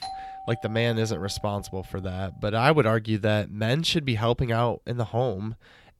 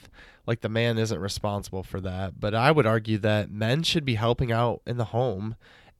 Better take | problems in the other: second | doorbell; faint; until 2 s; peak 10 dB below the speech

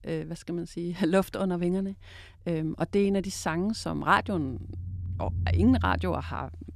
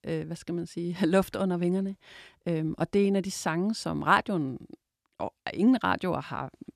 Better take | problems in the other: second | low rumble; noticeable; throughout; 20 dB below the speech

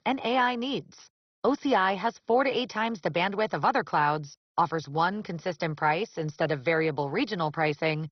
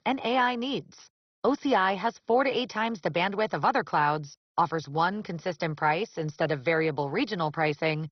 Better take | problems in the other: neither | garbled, watery; badly; nothing above 6 kHz; the same in both

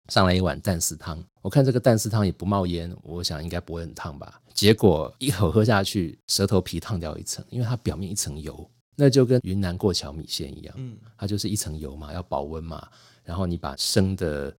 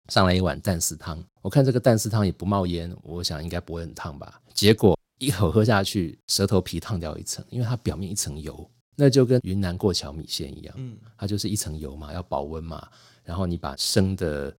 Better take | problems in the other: first | audio cutting out; at 5 s

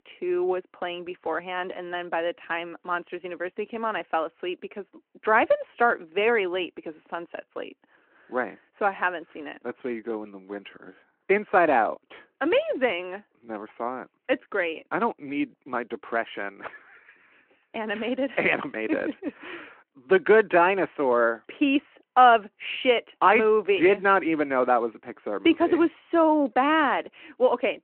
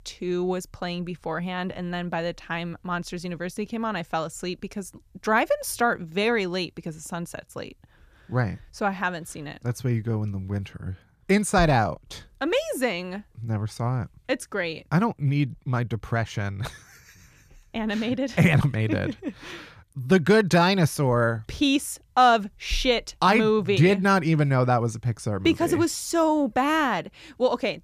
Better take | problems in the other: second | phone-call audio

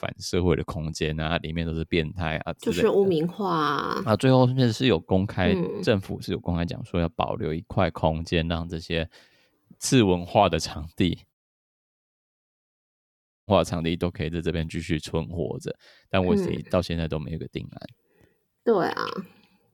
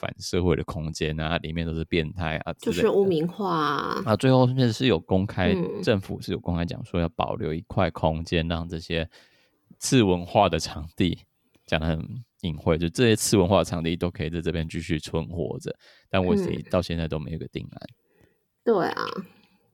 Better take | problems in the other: second | audio cutting out; at 11 s for 2 s

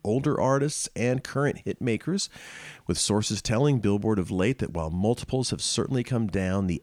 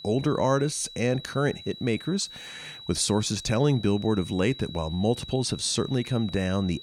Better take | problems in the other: first | high-pitched whine; noticeable; throughout; 4 kHz, 15 dB below the speech

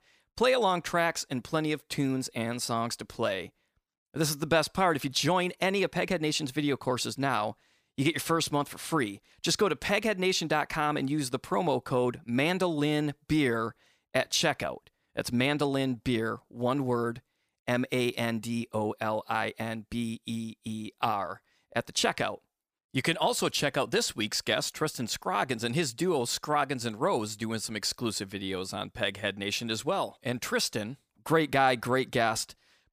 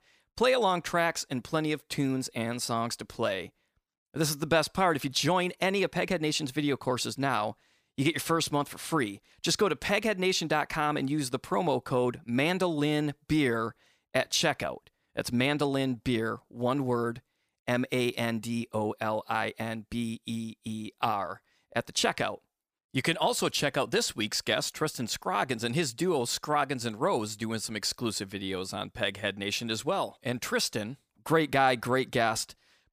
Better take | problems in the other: neither | none

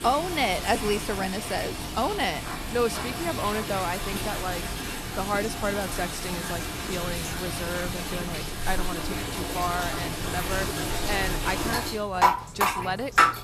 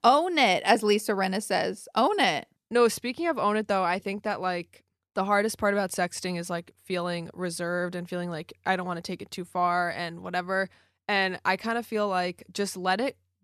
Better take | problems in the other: second | rain or running water; very loud; throughout; 1 dB above the speech

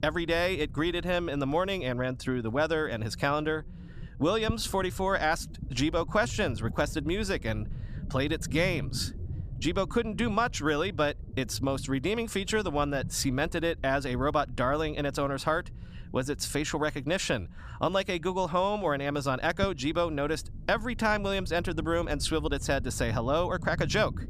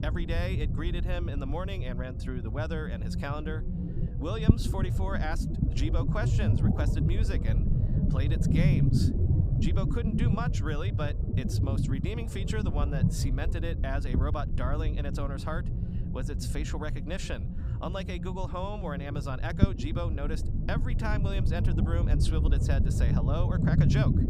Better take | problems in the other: first | low rumble; loud; throughout; 3 dB below the speech; faint in the first

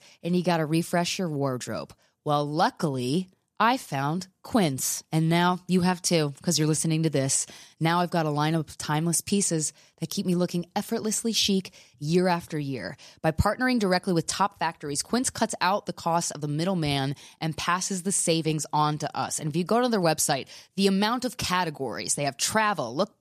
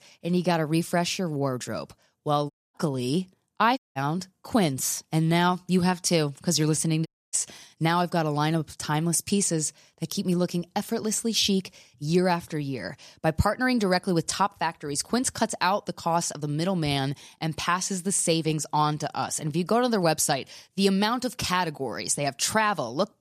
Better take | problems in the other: first | audio cutting out; at 2.5 s, at 4 s and at 7 s

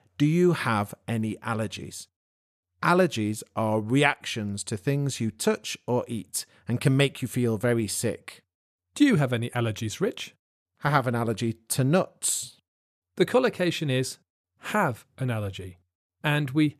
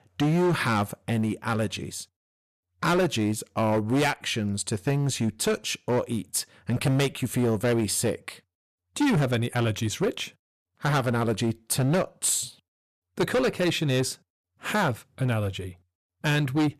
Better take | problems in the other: first | distortion; heavy; 10% of the sound clipped

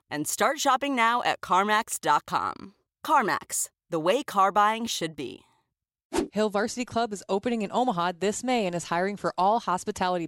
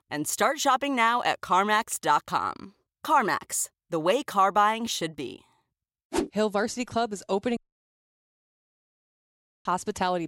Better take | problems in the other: first | audio cutting out; at 7.5 s for 2 s

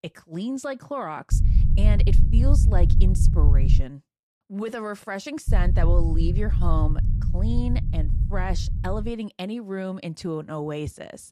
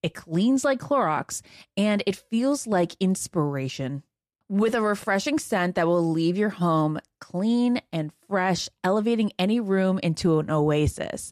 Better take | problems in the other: second | low rumble; loud; from 1.5 to 4 s and from 5.5 to 9 s; 7 dB below the speech

